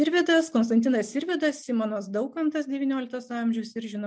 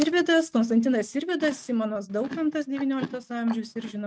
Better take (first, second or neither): first